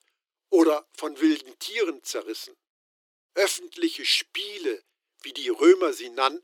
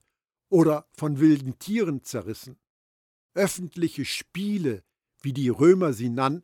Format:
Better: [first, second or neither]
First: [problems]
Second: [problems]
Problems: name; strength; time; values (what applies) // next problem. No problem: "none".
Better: second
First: thin; very; fading below 350 Hz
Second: none